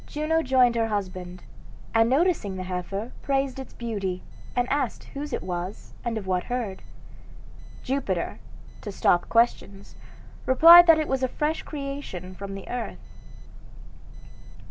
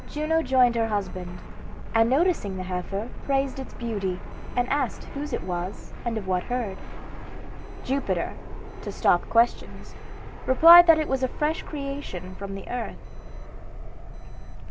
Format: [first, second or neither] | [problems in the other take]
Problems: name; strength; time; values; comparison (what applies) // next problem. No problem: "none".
first | background sound (Fixed-wing aircraft, airplane); 14 dB below the speech